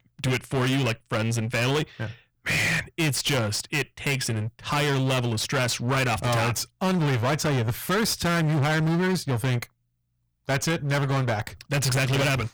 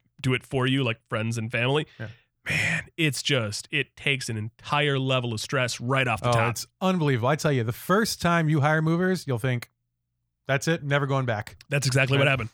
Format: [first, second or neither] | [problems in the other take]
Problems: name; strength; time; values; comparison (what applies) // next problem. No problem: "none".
second | distortion; heavy; 28% of the sound clipped